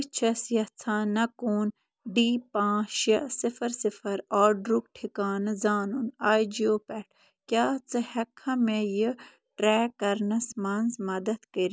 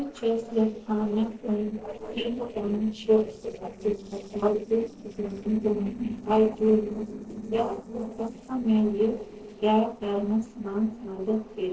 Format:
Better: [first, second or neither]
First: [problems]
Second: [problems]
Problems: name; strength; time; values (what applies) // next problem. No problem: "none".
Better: first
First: none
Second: noise reduction (neural separator model SepFormer DNS4)